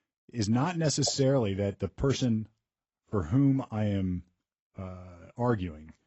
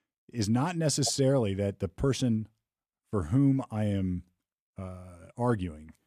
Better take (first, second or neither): second